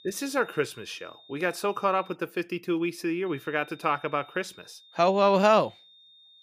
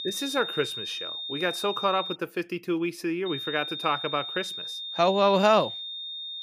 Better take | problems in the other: first | high-pitched whine; loud; until 2 s and from 3.5 s on; 3.5 kHz, 6 dB below the speech; faint in the first

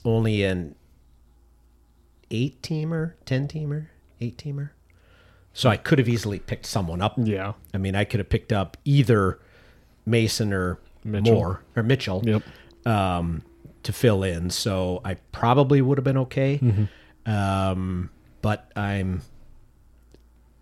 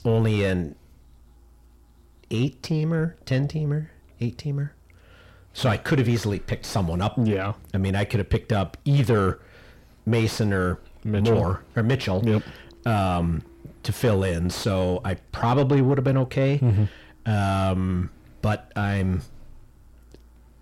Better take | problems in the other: first | distortion; slight; 10 dB below the speech

